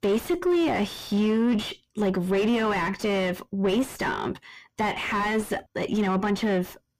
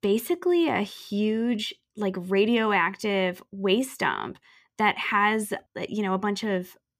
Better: second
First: distortion; heavy; 6 dB below the speech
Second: none

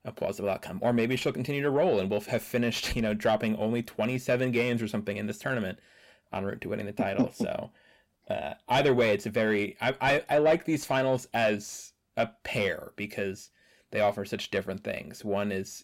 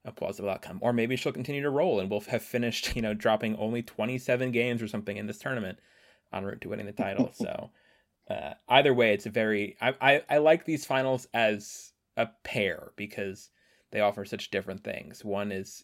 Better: second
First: distortion; slight; 10 dB below the speech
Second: none

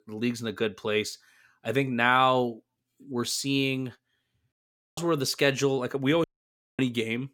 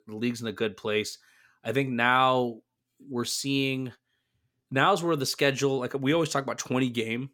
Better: second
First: audio cutting out; at 4.5 s and at 6 s for 0.5 s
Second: none

